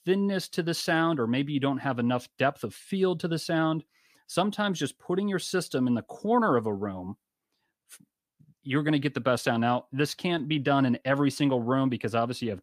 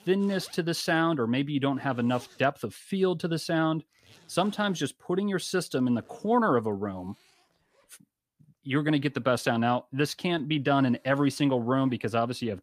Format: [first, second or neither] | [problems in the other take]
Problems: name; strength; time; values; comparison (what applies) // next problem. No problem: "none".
first | household noises; faint; throughout; 30 dB below the speech